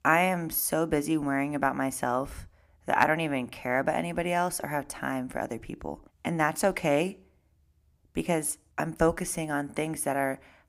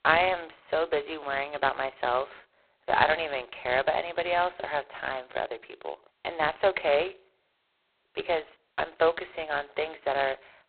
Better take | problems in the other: first | phone-call audio; poor line; nothing above 4 kHz

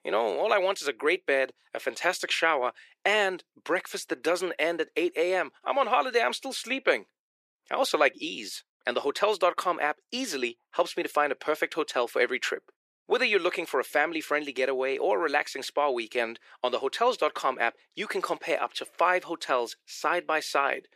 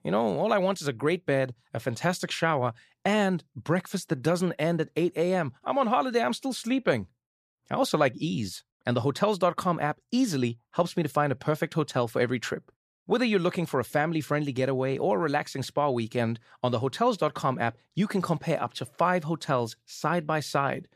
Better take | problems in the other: second | thin; very; fading below 350 Hz

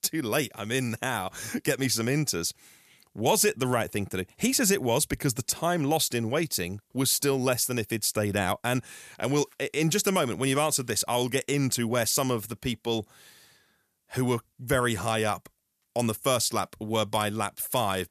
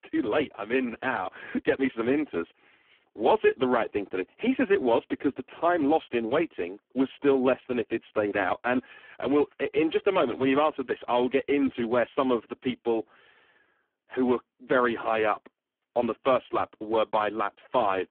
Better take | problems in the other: first | phone-call audio; poor line

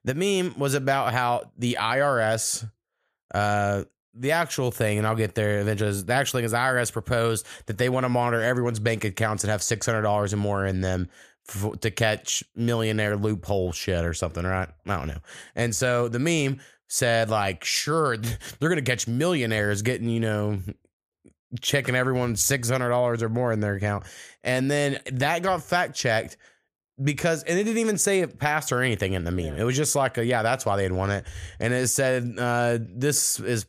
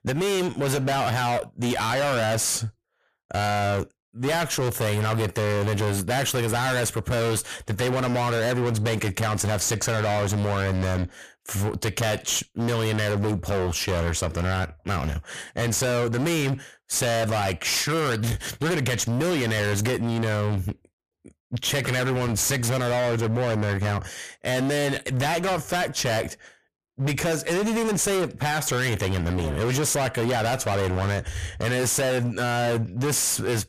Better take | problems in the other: first | distortion; heavy; 39% of the sound clipped

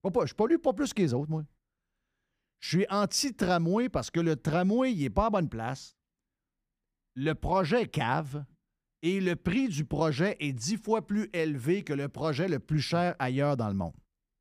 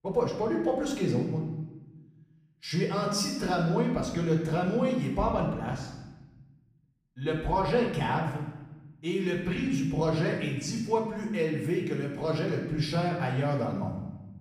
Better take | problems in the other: first | room echo; noticeable; dies away in 1 s // off-mic speech; far

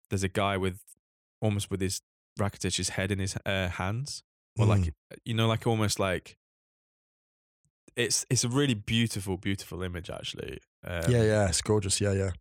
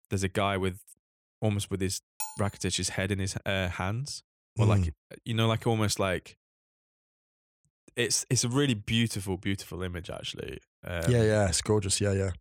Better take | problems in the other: first | clattering dishes; noticeable; at 2 s; peak 8 dB below the speech

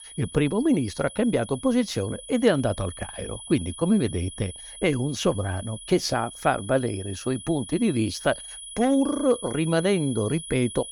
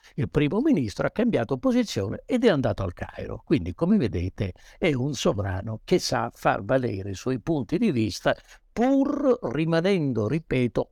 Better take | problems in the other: second | high-pitched whine; noticeable; throughout; 10 kHz, 15 dB below the speech

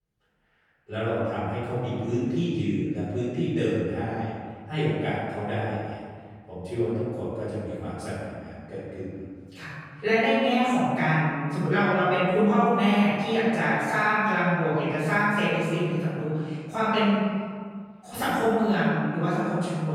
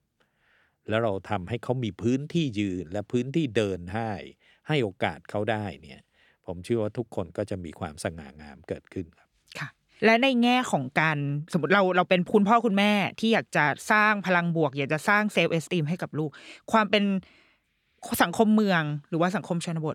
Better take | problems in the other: second | off-mic speech; far // room echo; strong; dies away in 1.8 s

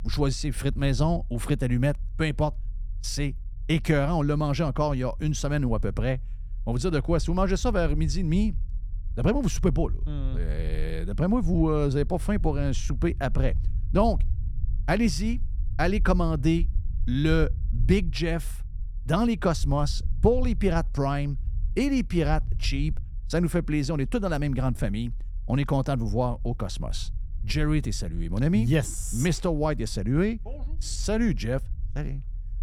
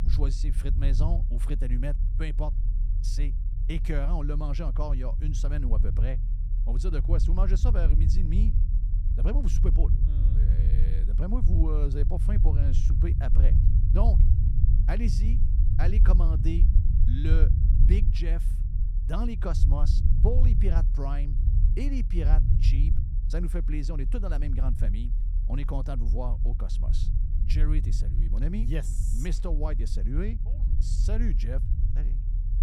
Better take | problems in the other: first | low rumble; loud; throughout; 6 dB below the speech; faint in the first

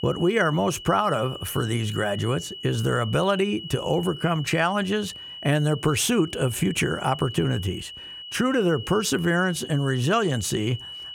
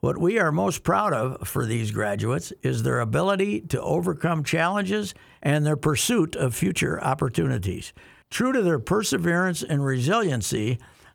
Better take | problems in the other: second | high-pitched whine; noticeable; throughout; 3 kHz, 15 dB below the speech

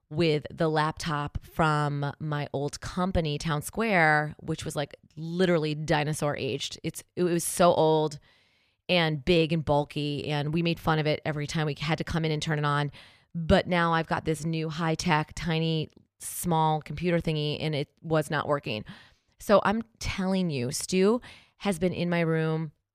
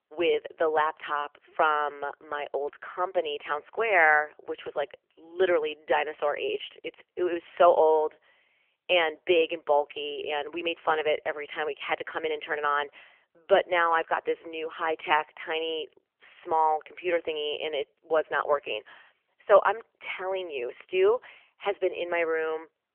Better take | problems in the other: first | phone-call audio; nothing above 3 kHz

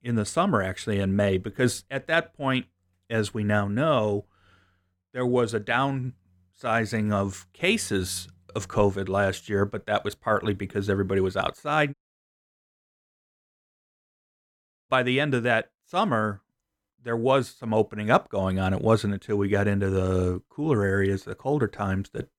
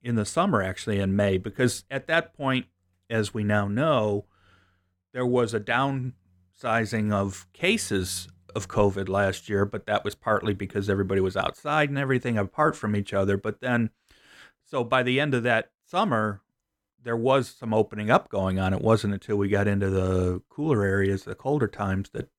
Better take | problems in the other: second | audio cutting out; at 12 s for 3 s

